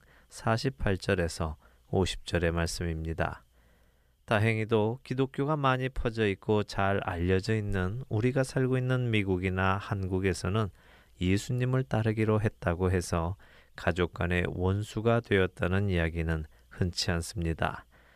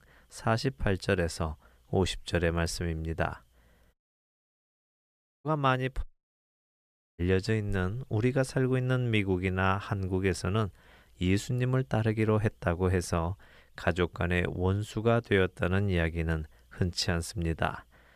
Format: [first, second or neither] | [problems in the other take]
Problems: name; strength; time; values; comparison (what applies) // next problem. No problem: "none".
first | audio cutting out; at 4 s for 1.5 s and at 6 s for 1 s